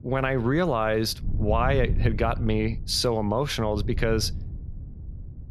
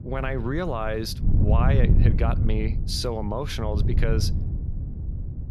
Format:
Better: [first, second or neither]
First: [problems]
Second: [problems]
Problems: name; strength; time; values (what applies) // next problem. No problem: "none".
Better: first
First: wind noise on the microphone; occasional gusts; 20 dB below the speech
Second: wind noise on the microphone; heavy; 9 dB below the speech